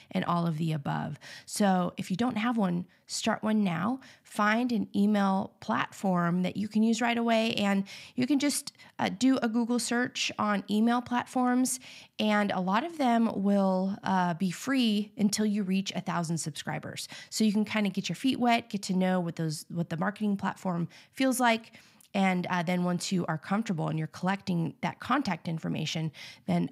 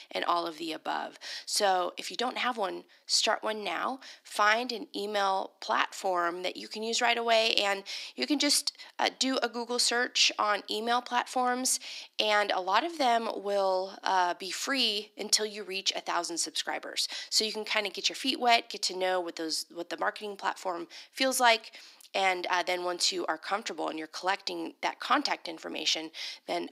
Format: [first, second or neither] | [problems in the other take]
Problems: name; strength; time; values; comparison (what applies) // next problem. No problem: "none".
first | thin; very; fading below 300 Hz